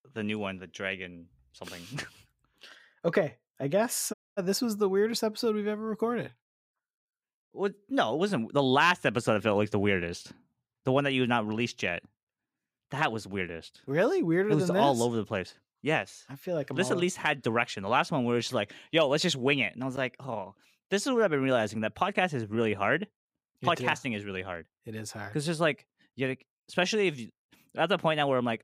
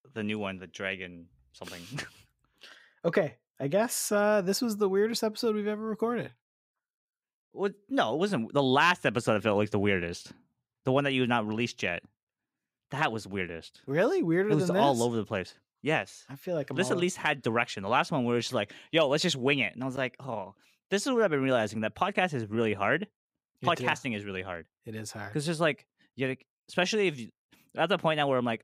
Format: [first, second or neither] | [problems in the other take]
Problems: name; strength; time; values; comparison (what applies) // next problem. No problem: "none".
second | audio cutting out; at 4 s